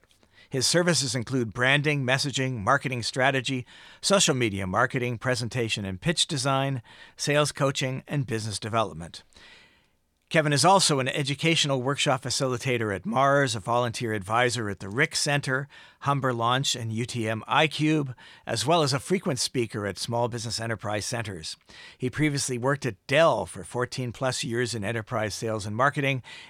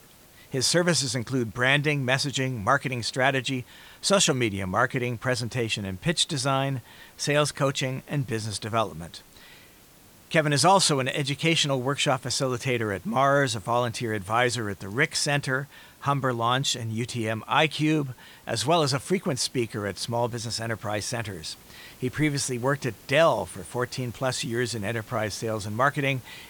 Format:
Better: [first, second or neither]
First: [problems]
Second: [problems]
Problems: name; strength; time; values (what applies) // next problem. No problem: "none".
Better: first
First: none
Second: hiss; faint; throughout; 25 dB below the speech